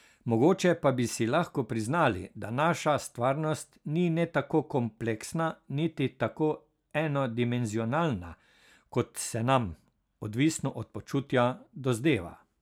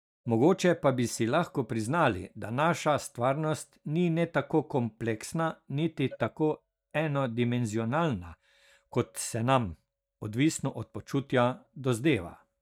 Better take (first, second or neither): first